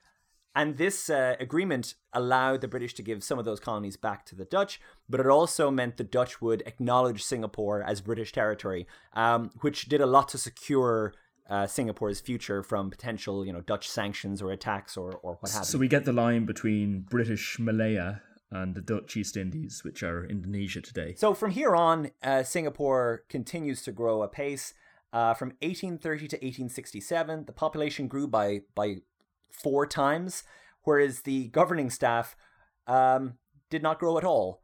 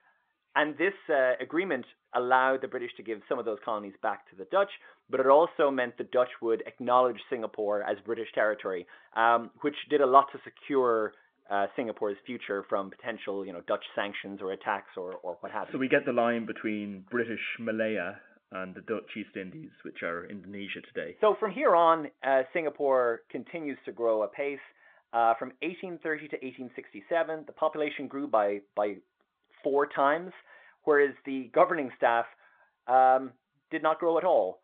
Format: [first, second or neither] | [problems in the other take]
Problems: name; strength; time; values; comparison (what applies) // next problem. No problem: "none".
first | phone-call audio; nothing above 3.5 kHz